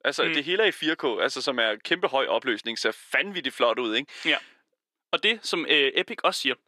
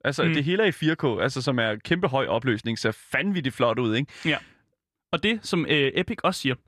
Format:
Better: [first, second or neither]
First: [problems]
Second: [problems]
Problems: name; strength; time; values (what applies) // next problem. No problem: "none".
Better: second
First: thin; somewhat; fading below 350 Hz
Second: none